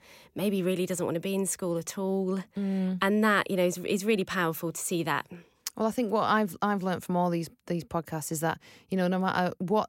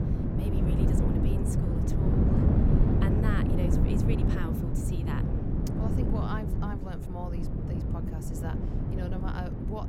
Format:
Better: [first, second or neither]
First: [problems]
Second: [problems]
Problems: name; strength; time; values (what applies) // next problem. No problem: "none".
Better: first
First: none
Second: wind noise on the microphone; heavy; 4 dB above the speech